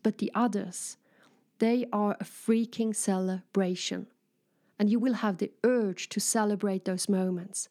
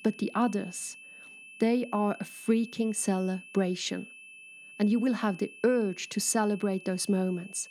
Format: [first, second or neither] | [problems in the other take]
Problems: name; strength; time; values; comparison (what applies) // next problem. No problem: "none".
first | high-pitched whine; noticeable; throughout; 2.5 kHz, 15 dB below the speech